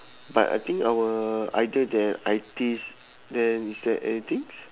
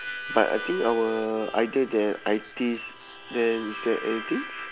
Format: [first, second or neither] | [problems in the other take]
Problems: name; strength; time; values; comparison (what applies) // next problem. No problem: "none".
first | background sound (Harmonica); 11 dB below the speech